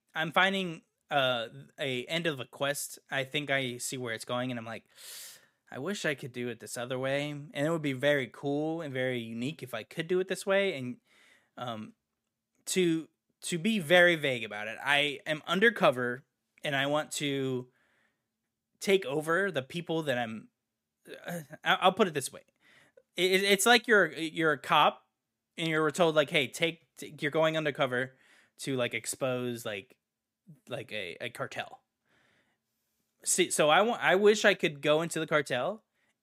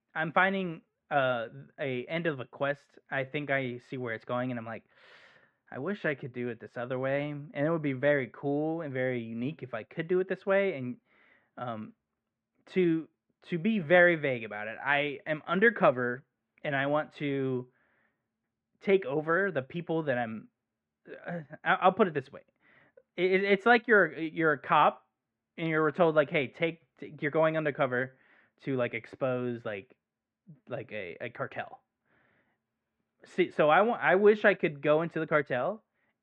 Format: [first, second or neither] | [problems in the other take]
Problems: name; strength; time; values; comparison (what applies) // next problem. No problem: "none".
first | muffled; very; fading above 2 kHz